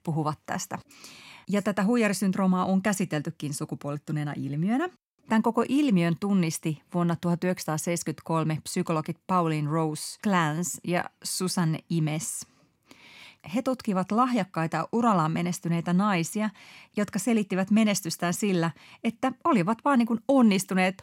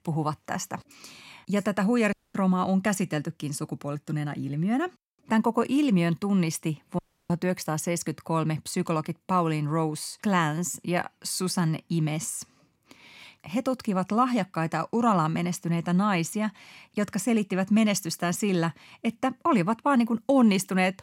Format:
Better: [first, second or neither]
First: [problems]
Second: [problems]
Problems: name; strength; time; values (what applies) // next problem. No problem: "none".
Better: first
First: none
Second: audio cutting out; at 2 s and at 7 s